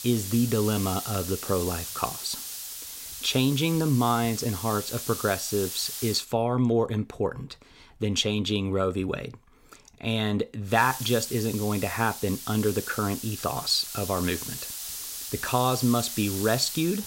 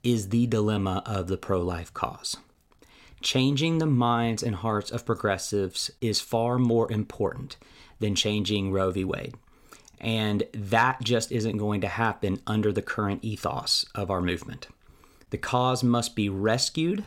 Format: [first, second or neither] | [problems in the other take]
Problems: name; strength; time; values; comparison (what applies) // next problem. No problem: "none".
second | hiss; loud; until 6 s and from 11 s on; 7 dB below the speech